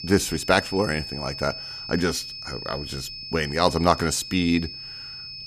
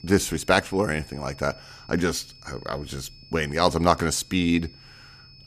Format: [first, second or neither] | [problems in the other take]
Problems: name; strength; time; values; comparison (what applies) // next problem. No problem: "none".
second | high-pitched whine; loud; throughout; 5 kHz, 9 dB below the speech; faint in the second